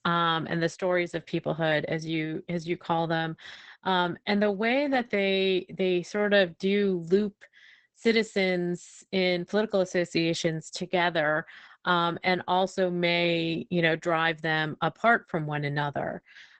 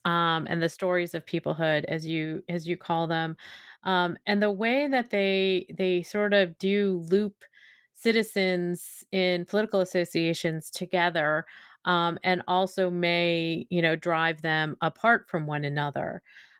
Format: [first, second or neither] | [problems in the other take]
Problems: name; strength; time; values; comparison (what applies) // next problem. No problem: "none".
second | garbled, watery; badly; nothing above 8 kHz; slightly in the second